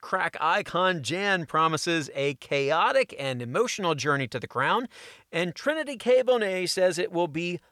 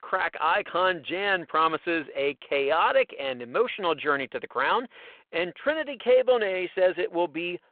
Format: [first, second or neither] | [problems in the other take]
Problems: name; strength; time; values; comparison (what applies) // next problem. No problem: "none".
first | phone-call audio